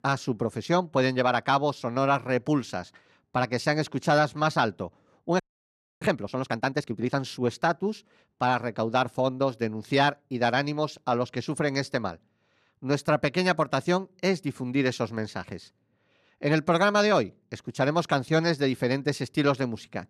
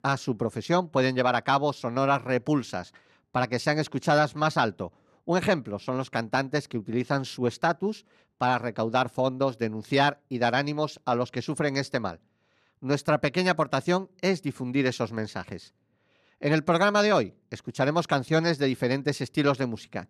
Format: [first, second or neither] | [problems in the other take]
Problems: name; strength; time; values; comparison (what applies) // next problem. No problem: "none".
second | audio freezing; at 5.5 s for 0.5 s